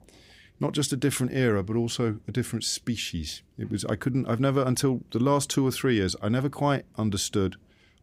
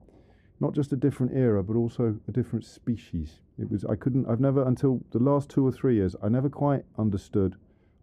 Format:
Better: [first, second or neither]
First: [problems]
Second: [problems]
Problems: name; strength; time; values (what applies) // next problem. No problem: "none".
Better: first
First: none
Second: muffled; very; fading above 1.5 kHz